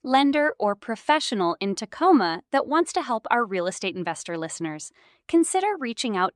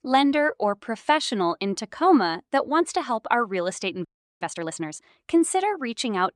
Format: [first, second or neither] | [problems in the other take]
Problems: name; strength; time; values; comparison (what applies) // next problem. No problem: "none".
first | audio freezing; at 4 s